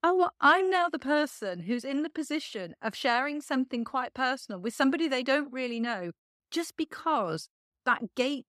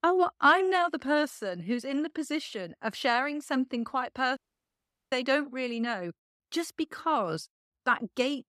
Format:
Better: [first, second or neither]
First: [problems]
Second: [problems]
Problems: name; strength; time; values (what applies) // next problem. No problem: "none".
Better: first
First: none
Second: audio cutting out; at 4.5 s for 1 s